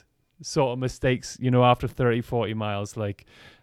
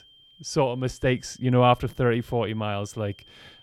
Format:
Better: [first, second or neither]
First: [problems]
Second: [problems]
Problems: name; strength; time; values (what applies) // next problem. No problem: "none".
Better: first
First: none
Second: high-pitched whine; faint; throughout; 3 kHz, 30 dB below the speech